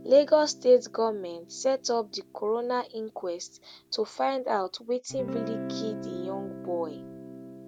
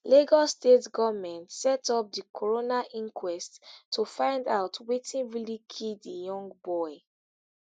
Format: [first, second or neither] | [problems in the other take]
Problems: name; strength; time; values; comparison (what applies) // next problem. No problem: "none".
second | background sound (Guitar); 13 dB below the speech